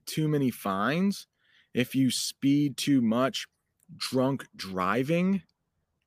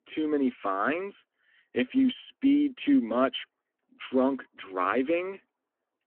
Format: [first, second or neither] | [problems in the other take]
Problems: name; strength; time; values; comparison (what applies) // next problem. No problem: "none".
first | phone-call audio; nothing above 3 kHz